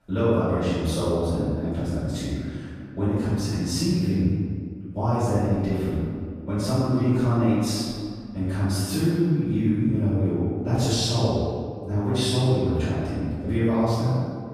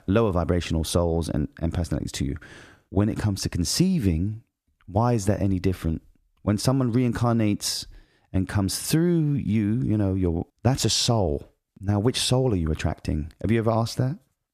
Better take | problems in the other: second | room echo; strong; dies away in 1.9 s // off-mic speech; far

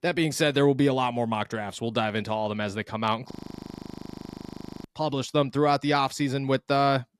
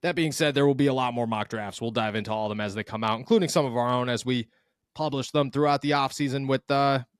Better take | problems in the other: second | audio freezing; at 3.5 s for 1.5 s

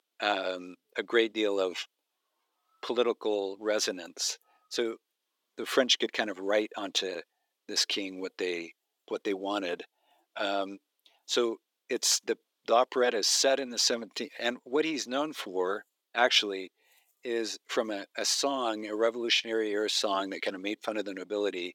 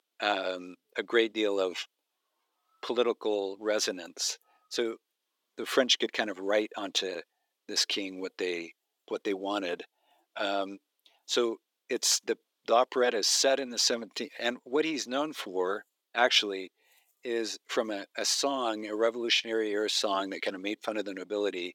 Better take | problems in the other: neither | thin; very; fading below 350 Hz; the same in both

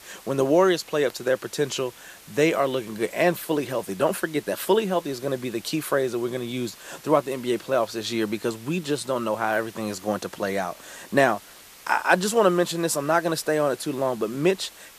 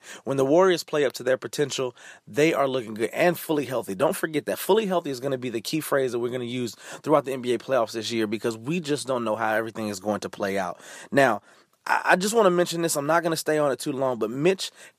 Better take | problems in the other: second | hiss; faint; throughout; 20 dB below the speech

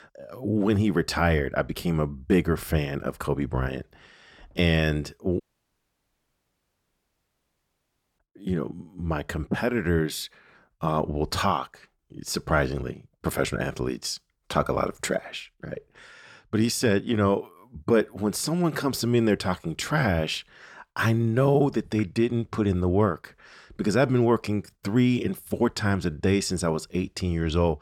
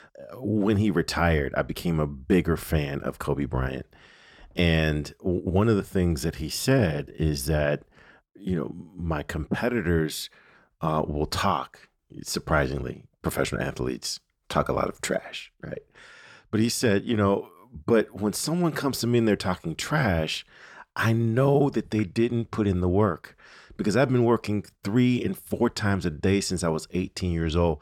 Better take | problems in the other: second | audio cutting out; at 5.5 s for 3 s

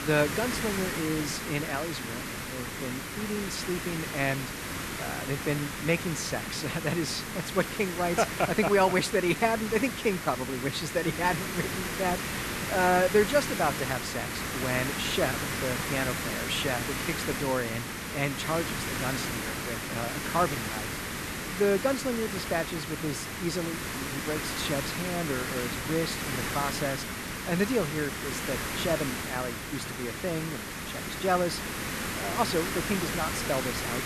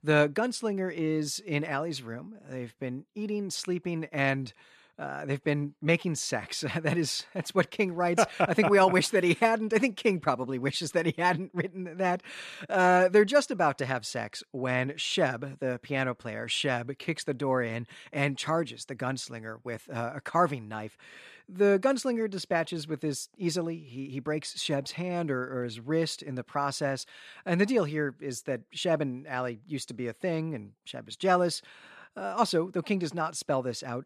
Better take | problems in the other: second | hiss; loud; throughout; 3 dB below the speech

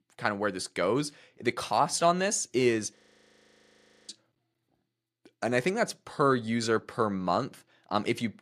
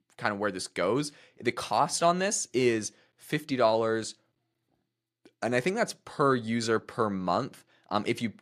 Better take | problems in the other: second | audio freezing; at 3 s for 1 s

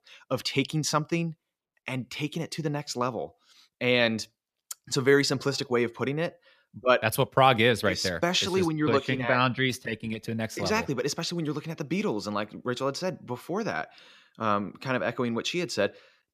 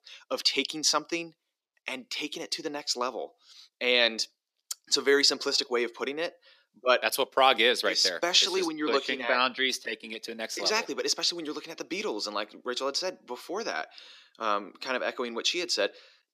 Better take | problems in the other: first | thin; somewhat; fading below 300 Hz

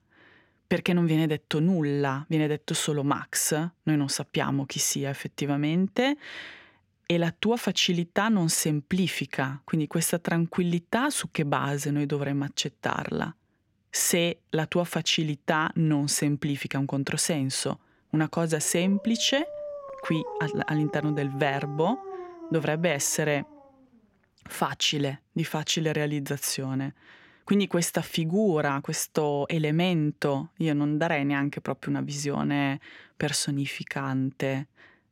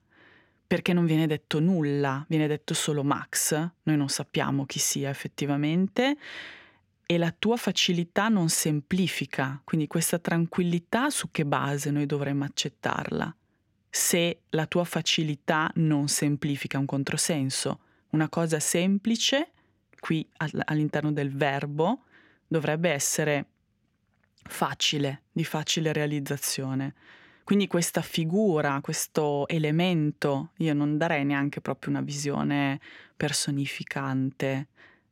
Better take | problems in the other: second | dog barking; noticeable; from 19 to 24 s; peak 8 dB below the speech

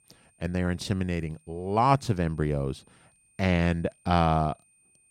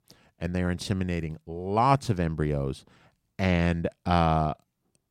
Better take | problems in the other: second | high-pitched whine; faint; throughout; 9 kHz, 35 dB below the speech

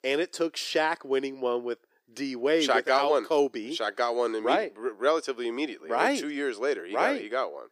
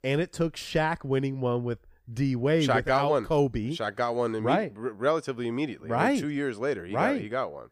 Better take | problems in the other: second | thin; somewhat; fading below 350 Hz

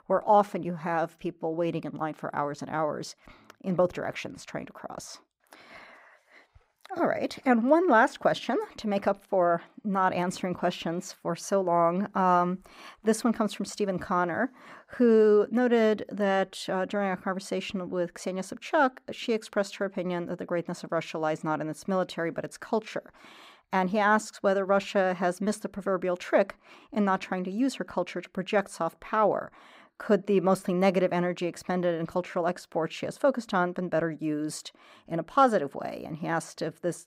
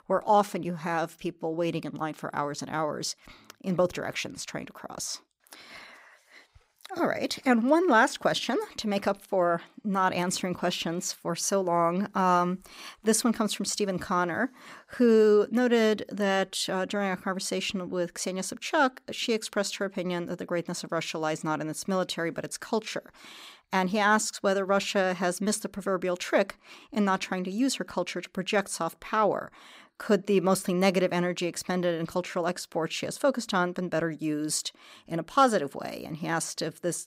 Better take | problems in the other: second | muffled; slightly; fading above 3 kHz

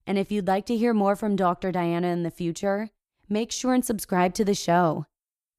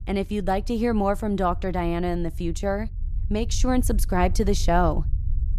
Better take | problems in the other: first | low rumble; faint; throughout; 25 dB below the speech

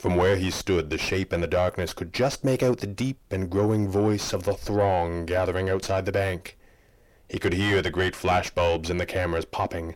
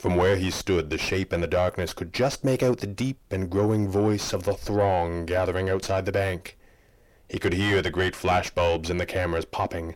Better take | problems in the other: neither | distortion; heavy; 5 dB below the speech; the same in both

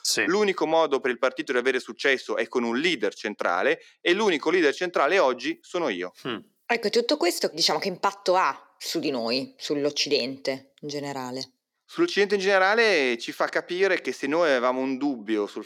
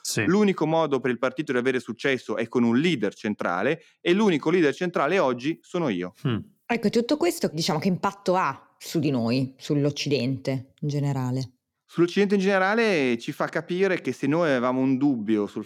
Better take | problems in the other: second | thin; somewhat; fading below 450 Hz

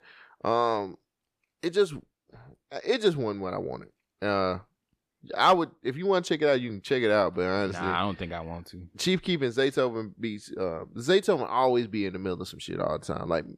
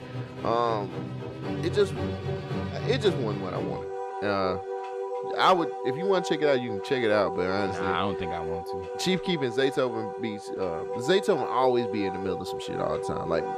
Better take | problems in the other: first | background music; loud; throughout; 5 dB below the speech

